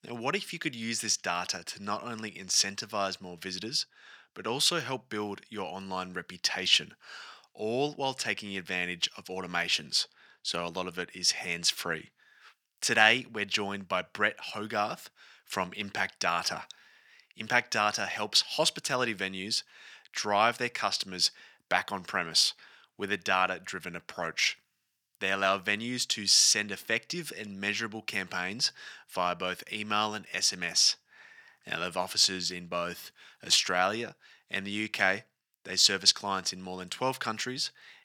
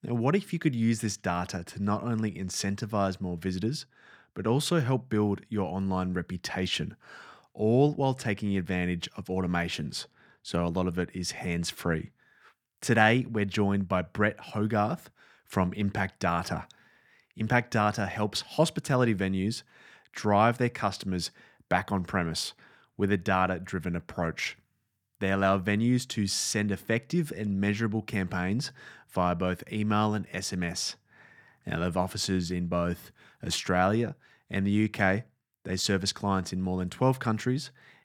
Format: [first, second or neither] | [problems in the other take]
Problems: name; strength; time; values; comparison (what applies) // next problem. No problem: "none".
second | thin; somewhat; fading below 1 kHz